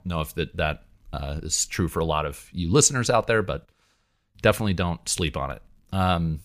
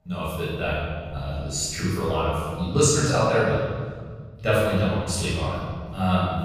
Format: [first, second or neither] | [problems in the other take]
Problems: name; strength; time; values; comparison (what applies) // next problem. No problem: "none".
first | off-mic speech; far // room echo; strong; dies away in 1.7 s